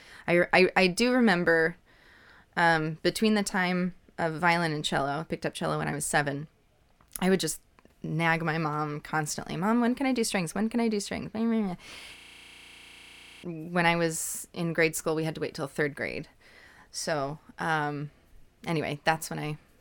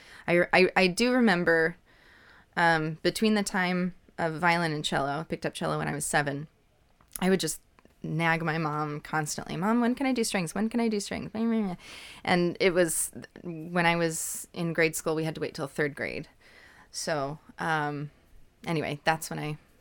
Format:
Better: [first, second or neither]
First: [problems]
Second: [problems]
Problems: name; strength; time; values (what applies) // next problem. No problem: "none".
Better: second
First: audio freezing; at 12 s for 1.5 s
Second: none